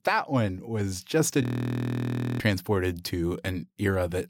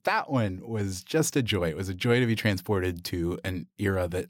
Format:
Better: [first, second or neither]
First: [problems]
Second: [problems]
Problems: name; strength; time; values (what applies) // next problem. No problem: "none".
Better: second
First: audio freezing; at 1.5 s for 1 s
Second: none